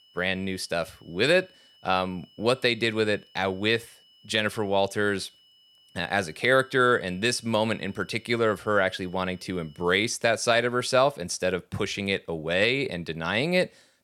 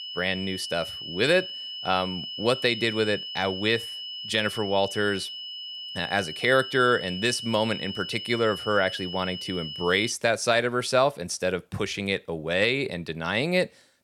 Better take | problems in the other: first | high-pitched whine; loud; until 10 s; 3 kHz, 8 dB below the speech; faint in the first

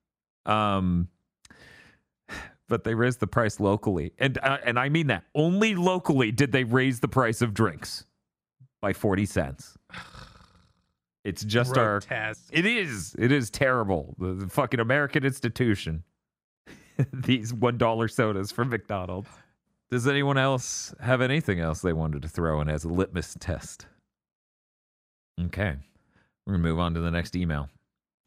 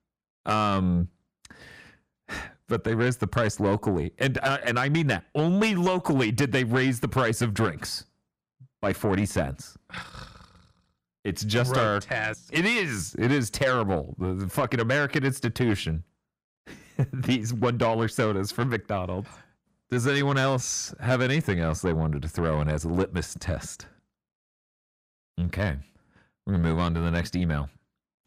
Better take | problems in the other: first | distortion; slight; 10 dB below the speech

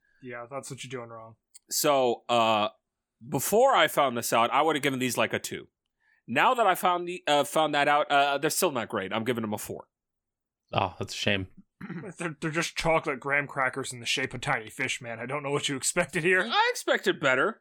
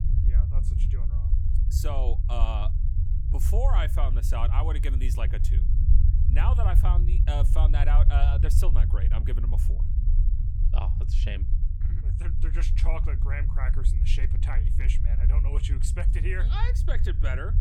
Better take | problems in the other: first | low rumble; loud; throughout; 7 dB below the speech

